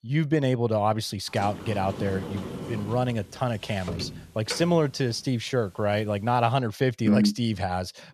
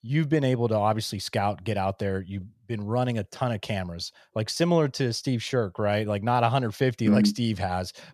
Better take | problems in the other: second | door banging; noticeable; from 1.5 to 6 s; peak 9 dB below the speech

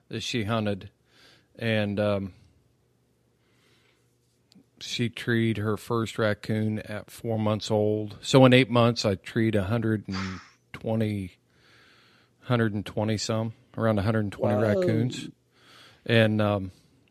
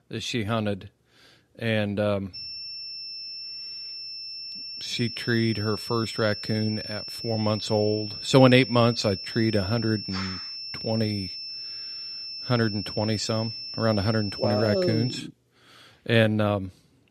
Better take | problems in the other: first | high-pitched whine; loud; from 2.5 to 15 s; 5.5 kHz, 8 dB below the speech

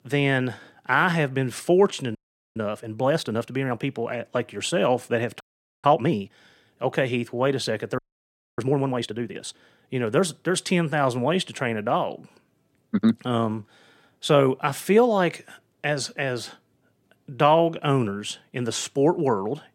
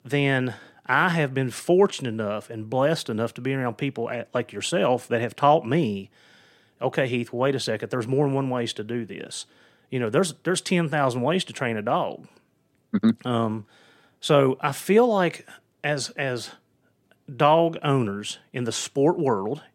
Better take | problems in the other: second | audio freezing; at 2 s, at 5.5 s and at 8 s for 0.5 s

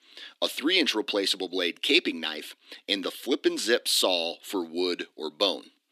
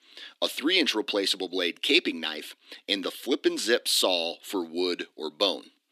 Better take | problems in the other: neither | thin; very slightly; fading below 250 Hz; the same in both

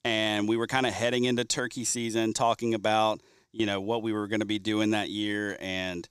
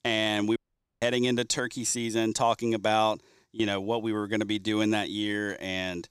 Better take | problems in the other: first | audio cutting out; at 0.5 s

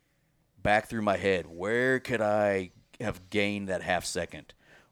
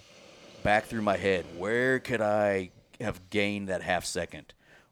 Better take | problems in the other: first | hiss; faint; throughout; 20 dB below the speech

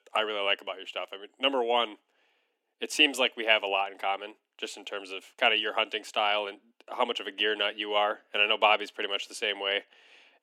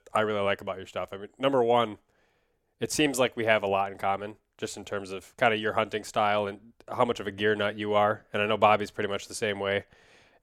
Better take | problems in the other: second | thin; very slightly; fading below 250 Hz

